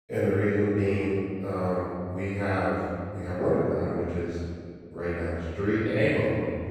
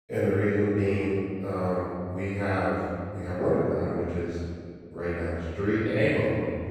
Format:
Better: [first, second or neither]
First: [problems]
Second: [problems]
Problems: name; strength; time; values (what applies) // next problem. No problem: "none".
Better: neither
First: room echo; strong; dies away in 1.9 s // off-mic speech; far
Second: room echo; strong; dies away in 1.9 s // off-mic speech; far